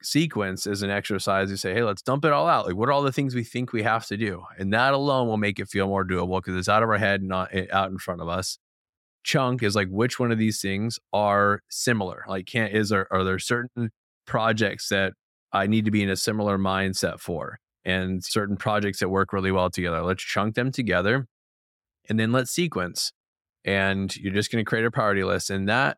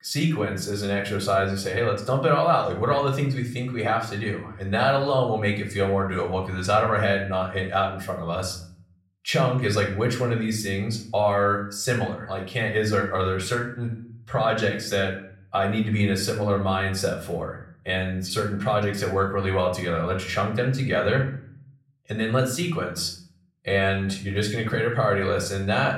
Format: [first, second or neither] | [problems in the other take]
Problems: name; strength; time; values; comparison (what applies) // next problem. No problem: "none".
first | room echo; slight; dies away in 0.5 s // off-mic speech; far